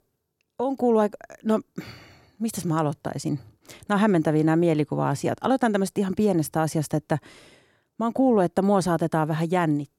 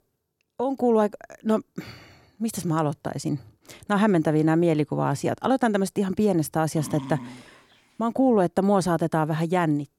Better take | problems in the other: first | dog barking; faint; at 7 s; peak 10 dB below the speech

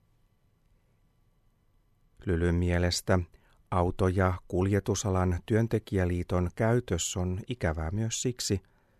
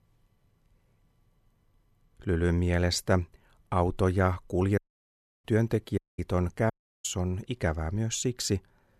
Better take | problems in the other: first | audio cutting out; at 5 s for 0.5 s, at 6 s and at 6.5 s

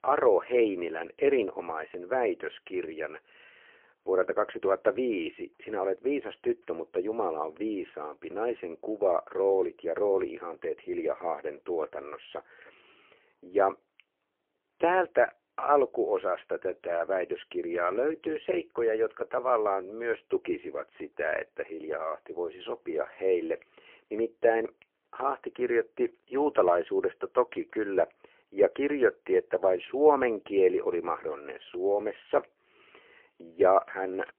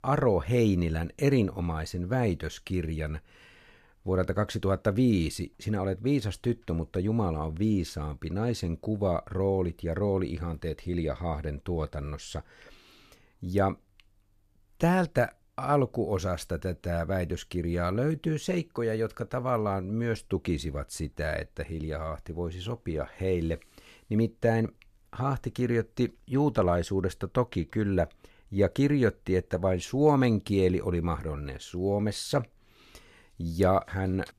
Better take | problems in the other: second | phone-call audio; poor line; nothing above 3 kHz

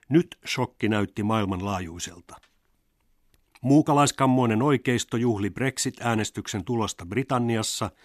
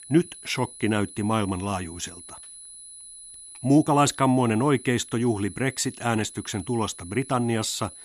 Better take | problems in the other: first | high-pitched whine; noticeable; throughout; 10 kHz, 15 dB below the speech

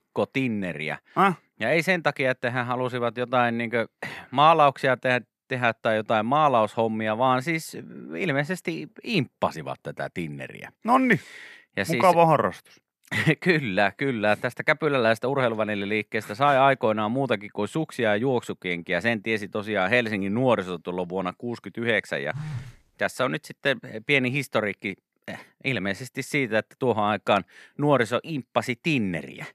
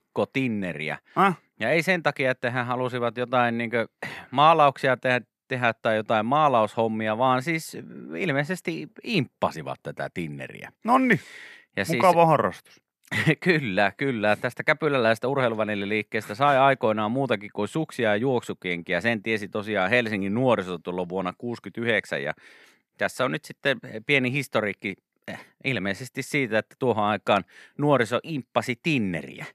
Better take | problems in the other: second | phone ringing; faint; at 22 s; peak 10 dB below the speech

